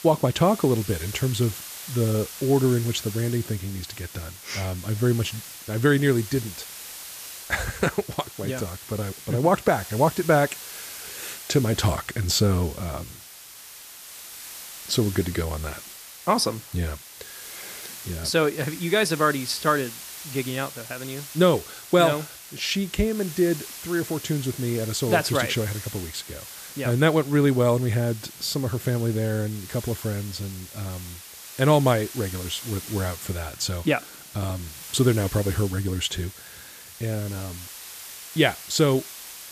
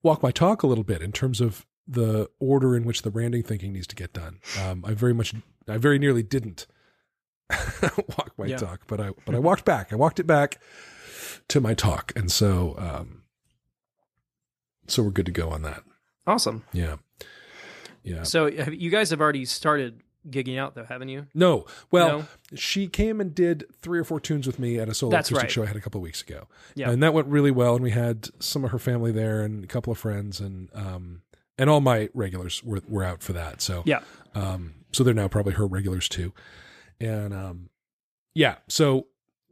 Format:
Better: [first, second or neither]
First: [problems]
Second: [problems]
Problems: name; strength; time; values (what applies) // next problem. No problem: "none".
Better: second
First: hiss; noticeable; throughout; 15 dB below the speech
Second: none